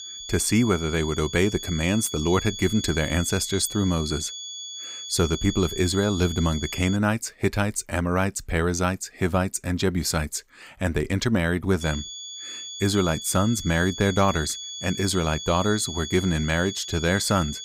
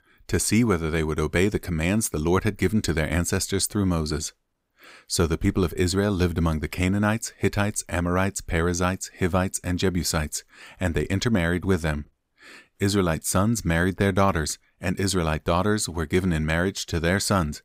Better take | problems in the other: second | high-pitched whine; loud; until 7 s and from 12 s on; 3.5 kHz, 9 dB below the speech

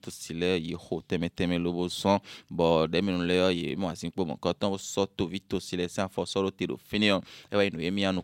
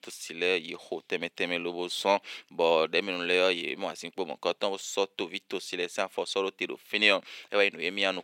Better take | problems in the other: first | thin; somewhat; fading below 450 Hz

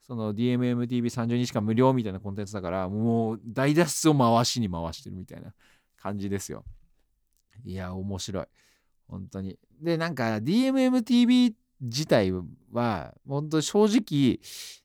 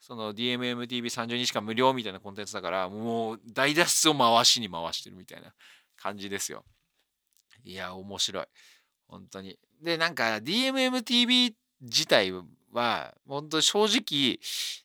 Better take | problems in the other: first | thin; somewhat; fading below 950 Hz

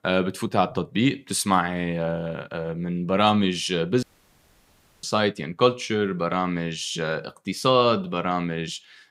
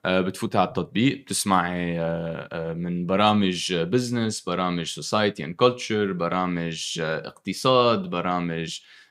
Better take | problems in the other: second | audio cutting out; at 4 s for 1 s

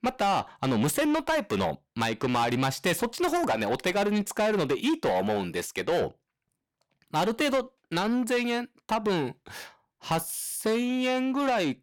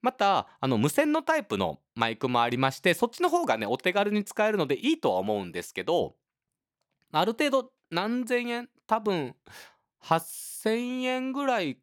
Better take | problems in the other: second | distortion; heavy; 7 dB below the speech

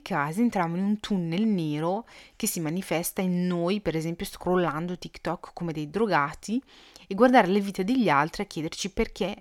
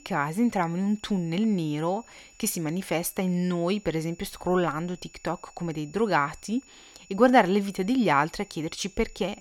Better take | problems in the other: first | high-pitched whine; faint; throughout; 7 kHz, 25 dB below the speech

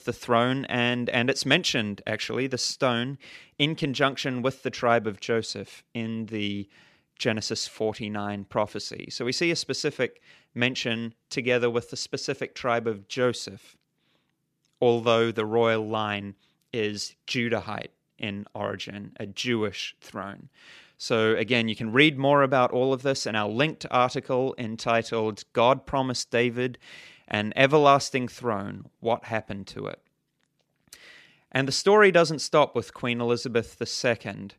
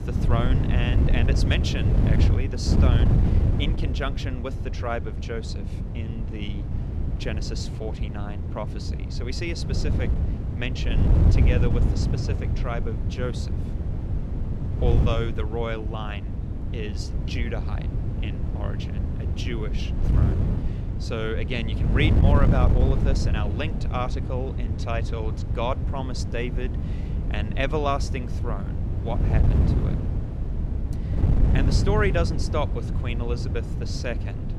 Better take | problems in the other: first | wind noise on the microphone; heavy; 5 dB below the speech

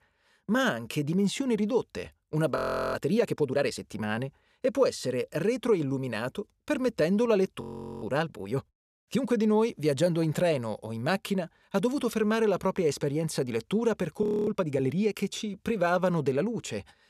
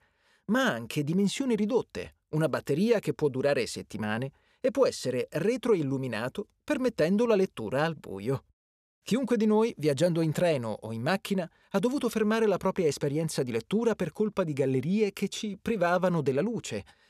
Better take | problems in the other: second | audio freezing; at 2.5 s, at 7.5 s and at 14 s

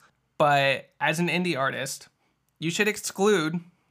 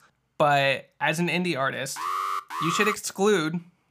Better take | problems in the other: first | alarm; noticeable; at 2 s; peak 3 dB below the speech

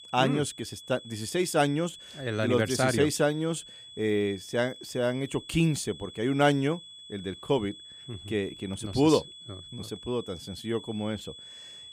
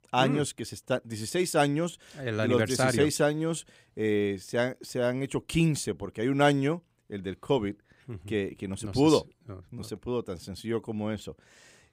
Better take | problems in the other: second | high-pitched whine; noticeable; throughout; 3.5 kHz, 15 dB below the speech

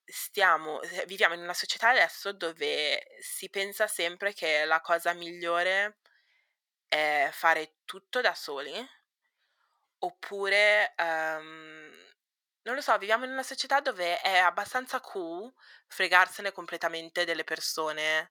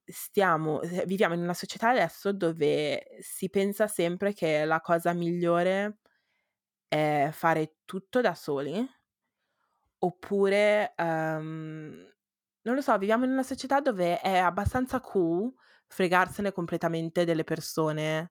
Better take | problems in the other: second | thin; very; fading below 700 Hz

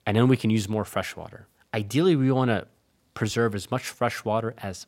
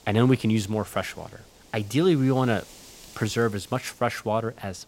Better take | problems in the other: first | wind noise on the microphone; occasional gusts; 20 dB below the speech

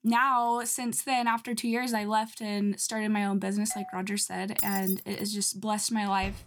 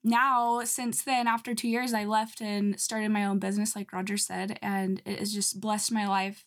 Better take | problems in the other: second | doorbell; faint; at 3.5 s; peak 15 dB below the speech // jangling keys; loud; at 4.5 s; peak 1 dB above the speech // door banging; very faint; at 6 s; peak 15 dB below the speech

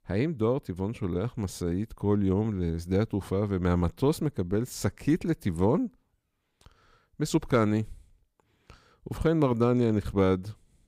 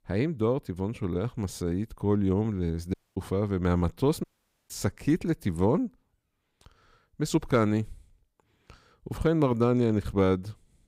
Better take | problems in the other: first | audio cutting out; at 3 s and at 4 s

